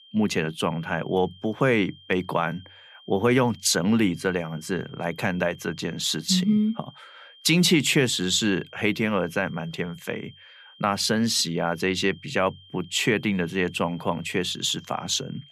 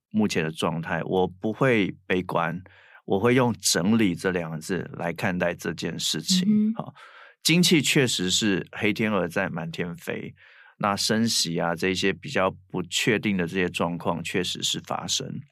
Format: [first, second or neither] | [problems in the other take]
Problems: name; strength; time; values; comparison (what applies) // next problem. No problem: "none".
second | high-pitched whine; faint; throughout; 3 kHz, 25 dB below the speech